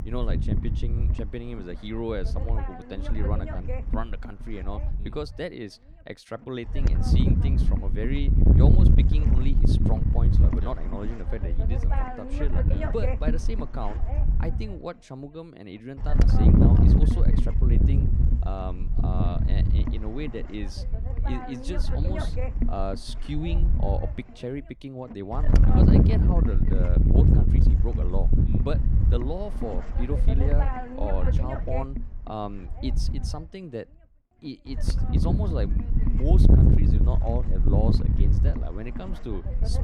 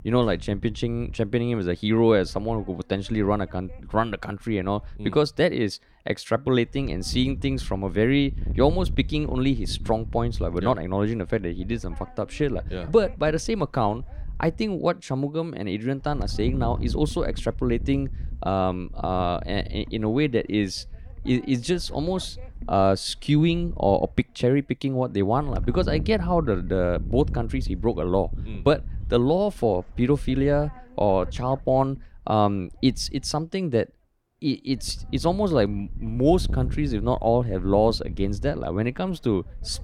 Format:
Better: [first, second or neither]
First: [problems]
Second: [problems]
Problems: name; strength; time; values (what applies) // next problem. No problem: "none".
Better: second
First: wind noise on the microphone; heavy; 1 dB above the speech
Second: wind noise on the microphone; occasional gusts; 25 dB below the speech